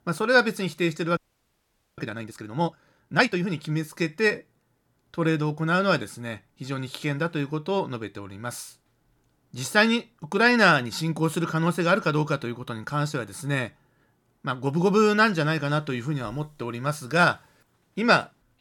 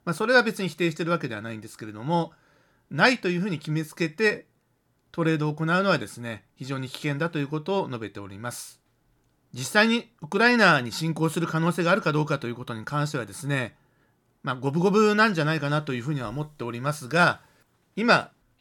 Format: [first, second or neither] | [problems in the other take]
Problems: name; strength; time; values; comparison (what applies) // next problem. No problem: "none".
second | audio freezing; at 1 s for 1 s